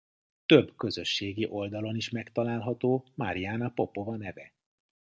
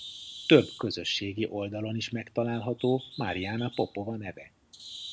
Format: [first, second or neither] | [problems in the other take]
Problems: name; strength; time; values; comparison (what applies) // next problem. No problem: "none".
first | background sound (Bird); 18 dB below the speech